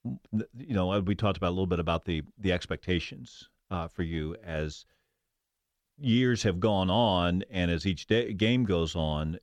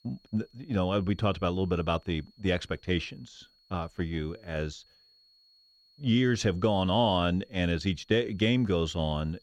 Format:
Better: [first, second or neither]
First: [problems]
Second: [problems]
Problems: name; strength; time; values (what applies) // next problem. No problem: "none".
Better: first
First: none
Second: high-pitched whine; faint; throughout; 4.5 kHz, 35 dB below the speech